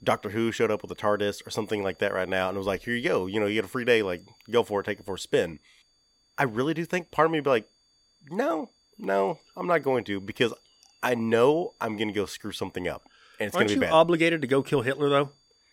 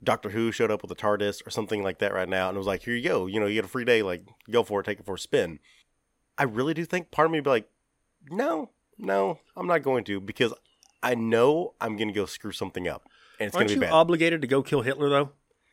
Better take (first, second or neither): second